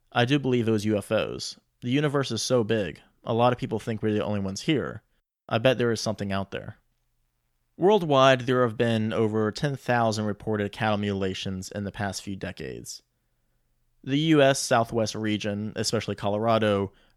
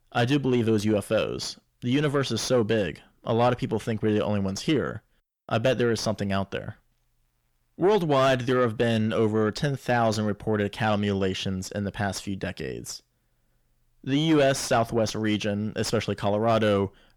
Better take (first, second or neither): first